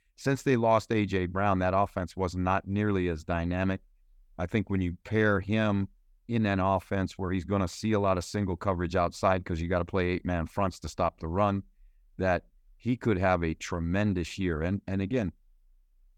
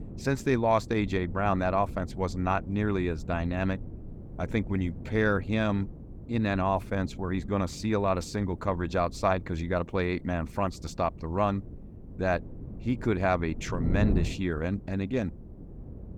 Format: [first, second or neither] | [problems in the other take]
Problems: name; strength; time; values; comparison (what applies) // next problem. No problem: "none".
first | wind noise on the microphone; occasional gusts; 20 dB below the speech